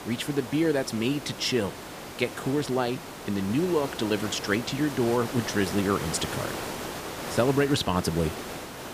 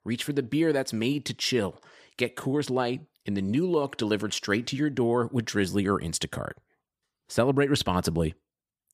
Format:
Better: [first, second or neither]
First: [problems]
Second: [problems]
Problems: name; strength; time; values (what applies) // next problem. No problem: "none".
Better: second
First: hiss; loud; throughout; 9 dB below the speech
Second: none